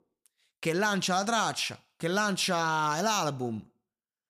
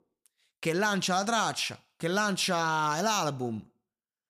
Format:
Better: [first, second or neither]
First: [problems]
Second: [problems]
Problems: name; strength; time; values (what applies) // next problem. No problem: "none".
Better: neither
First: none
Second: none